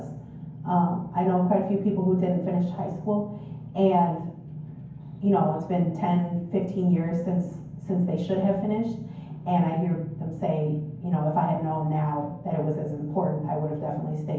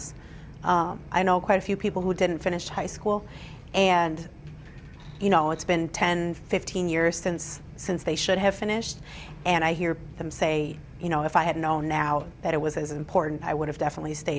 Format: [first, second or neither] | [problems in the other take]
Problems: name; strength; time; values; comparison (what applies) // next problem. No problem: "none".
second | room echo; dies away in 0.9 s